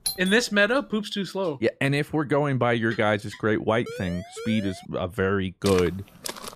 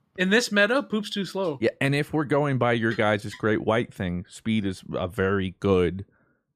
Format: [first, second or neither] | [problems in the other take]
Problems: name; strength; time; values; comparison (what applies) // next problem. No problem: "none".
second | doorbell; noticeable; at the start; peak 4 dB below the speech // siren; faint; at 4 s; peak 15 dB below the speech // footsteps; noticeable; at 5.5 s; peak 9 dB below the speech